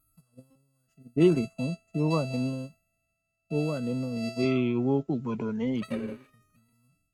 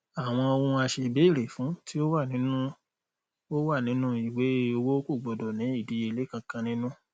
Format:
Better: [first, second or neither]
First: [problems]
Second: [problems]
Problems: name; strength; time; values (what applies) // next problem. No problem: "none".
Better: second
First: noise reduction (neural mask model RNNoise)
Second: none